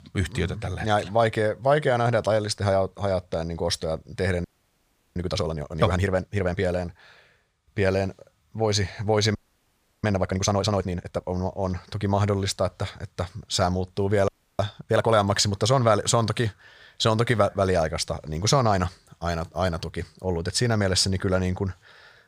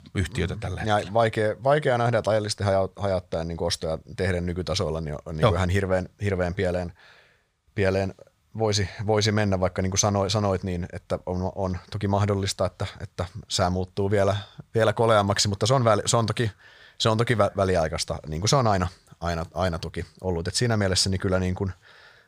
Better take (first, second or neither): second